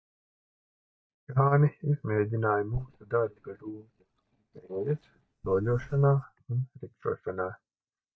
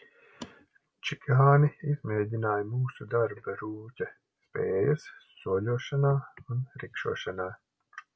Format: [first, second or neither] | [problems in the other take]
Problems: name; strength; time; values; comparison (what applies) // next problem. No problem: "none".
second | noise reduction (neural mask model DeepFilterNet 3)